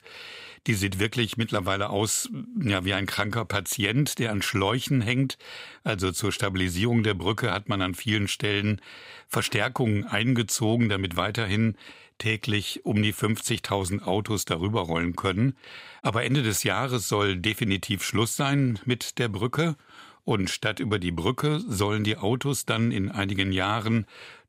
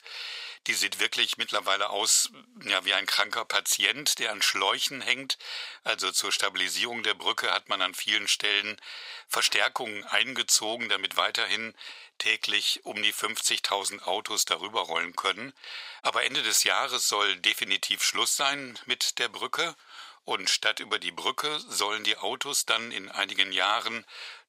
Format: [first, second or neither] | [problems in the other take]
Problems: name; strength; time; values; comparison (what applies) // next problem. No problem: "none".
first | thin; very; fading below 750 Hz